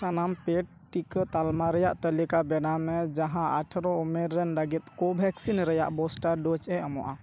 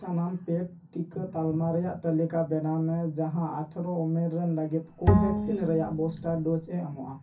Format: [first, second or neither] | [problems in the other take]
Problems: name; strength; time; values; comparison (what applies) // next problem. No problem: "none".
first | background sound (Bowed string instrument); 1 dB above the speech // room echo; dies away in 0.3 s